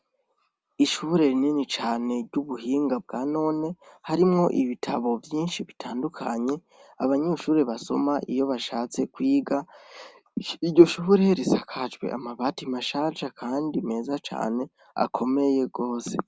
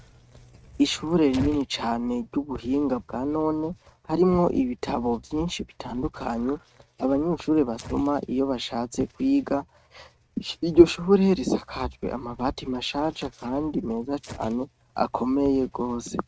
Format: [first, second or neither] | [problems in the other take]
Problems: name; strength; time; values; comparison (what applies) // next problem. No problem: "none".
first | noise reduction (neural mask model RNNoise)